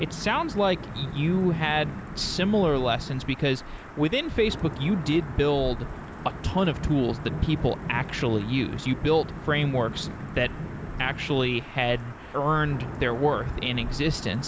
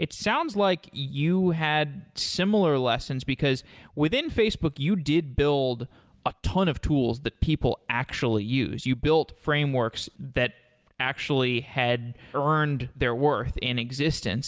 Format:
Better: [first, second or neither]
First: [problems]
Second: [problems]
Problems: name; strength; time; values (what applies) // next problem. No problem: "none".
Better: second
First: background sound (Thunder / Wind / Rain); 9 dB below the speech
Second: none